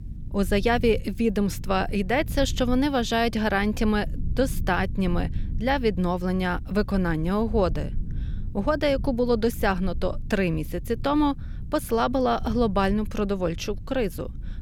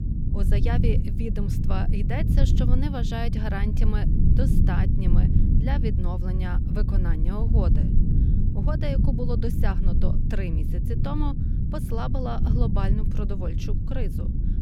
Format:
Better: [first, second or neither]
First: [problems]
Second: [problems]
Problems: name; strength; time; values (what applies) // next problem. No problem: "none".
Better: first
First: low rumble; faint; throughout; 25 dB below the speech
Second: low rumble; loud; throughout; 2 dB below the speech